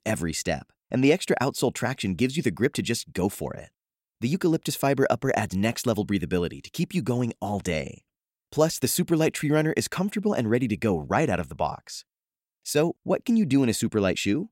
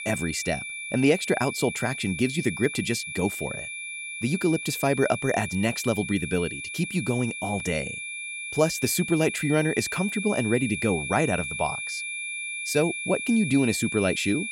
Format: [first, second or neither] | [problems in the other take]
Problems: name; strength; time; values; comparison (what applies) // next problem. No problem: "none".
first | high-pitched whine; loud; throughout; 2.5 kHz, 6 dB below the speech